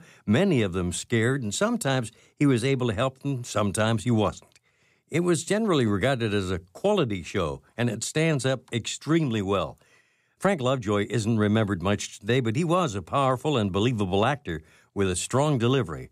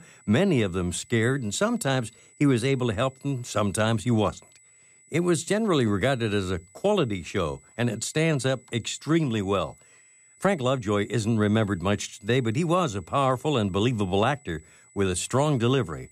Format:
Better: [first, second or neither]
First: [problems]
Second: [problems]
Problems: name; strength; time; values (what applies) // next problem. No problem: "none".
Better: first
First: none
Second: high-pitched whine; faint; throughout; 8 kHz, 30 dB below the speech